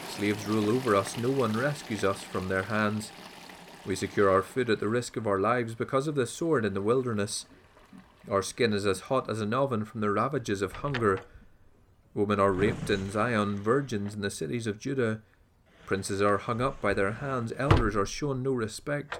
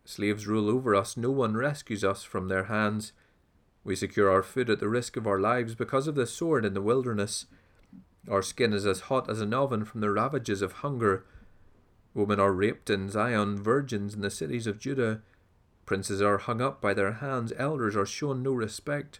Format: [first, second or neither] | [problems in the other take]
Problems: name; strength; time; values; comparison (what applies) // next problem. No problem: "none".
second | household noises; loud; throughout; 9 dB below the speech